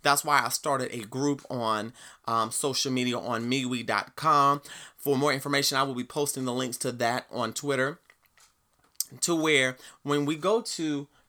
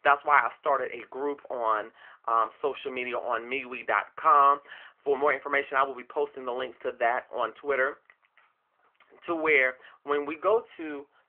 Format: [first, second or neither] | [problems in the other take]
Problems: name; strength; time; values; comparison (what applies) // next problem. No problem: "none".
first | phone-call audio; nothing above 3 kHz